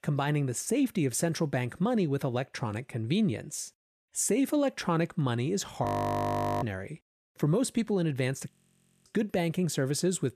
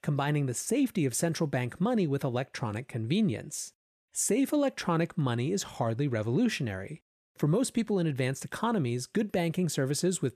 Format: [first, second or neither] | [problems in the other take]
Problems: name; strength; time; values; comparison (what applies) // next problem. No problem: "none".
second | audio freezing; at 6 s for 1 s and at 8.5 s for 0.5 s